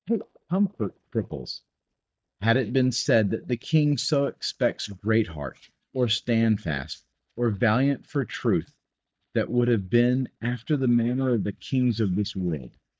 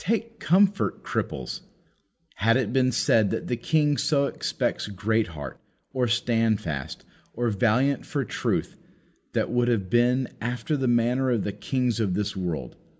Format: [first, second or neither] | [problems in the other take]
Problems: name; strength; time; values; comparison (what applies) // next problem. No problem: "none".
second | noise reduction (neural mask model DeepFilterNet 3)